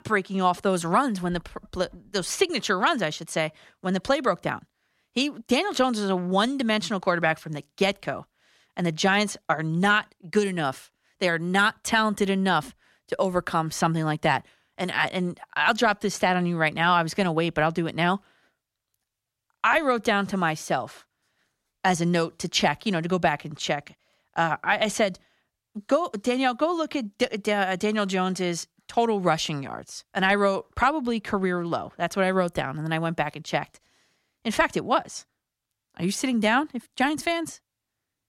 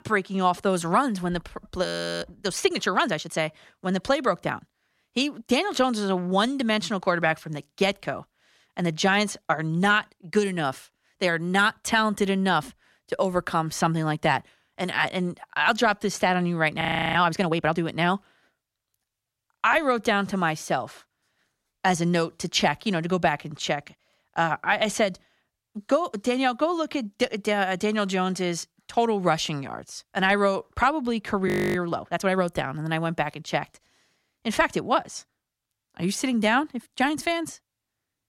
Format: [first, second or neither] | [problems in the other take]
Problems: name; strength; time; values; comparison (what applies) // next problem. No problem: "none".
first | audio freezing; at 2 s, at 17 s and at 31 s